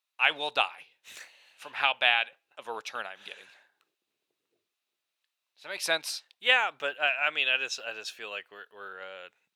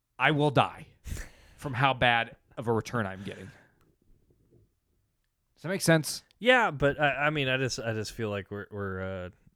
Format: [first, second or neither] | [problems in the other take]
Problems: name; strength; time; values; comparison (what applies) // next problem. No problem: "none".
second | thin; very; fading below 750 Hz